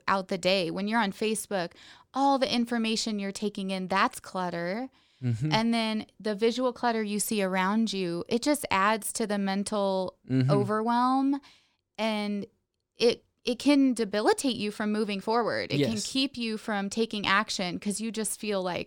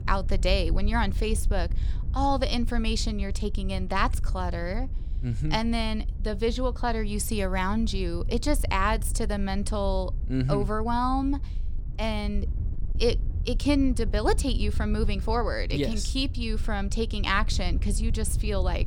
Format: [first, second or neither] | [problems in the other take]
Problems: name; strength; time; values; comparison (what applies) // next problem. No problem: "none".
first | wind noise on the microphone; occasional gusts; 20 dB below the speech